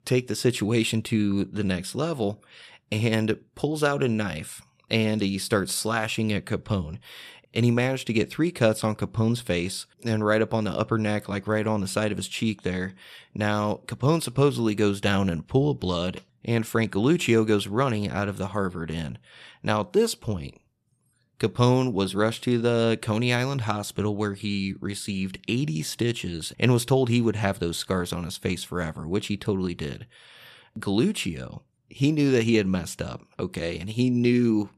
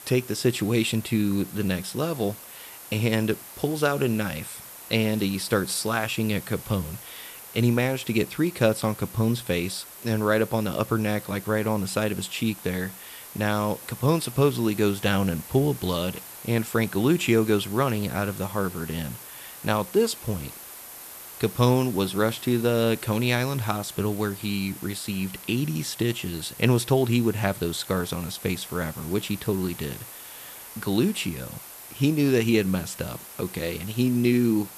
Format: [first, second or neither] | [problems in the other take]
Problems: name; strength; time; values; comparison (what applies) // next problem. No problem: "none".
first | hiss; noticeable; throughout; 15 dB below the speech